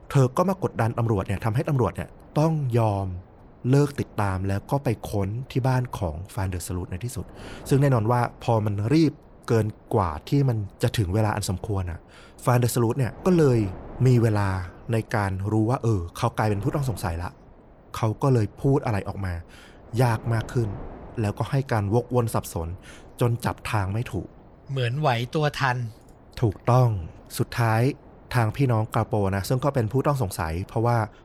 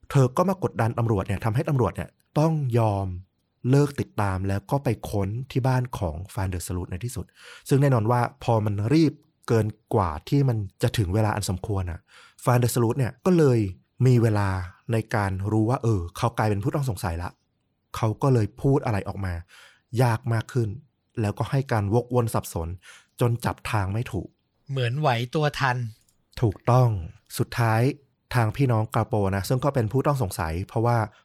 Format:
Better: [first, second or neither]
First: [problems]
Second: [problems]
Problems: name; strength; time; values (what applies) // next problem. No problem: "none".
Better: second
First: wind noise on the microphone; occasional gusts; 20 dB below the speech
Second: none